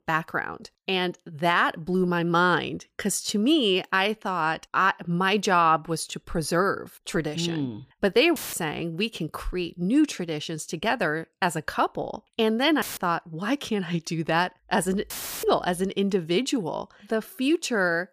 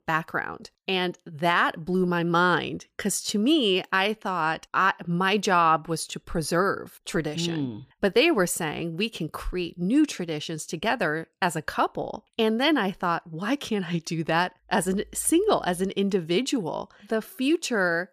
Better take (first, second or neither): second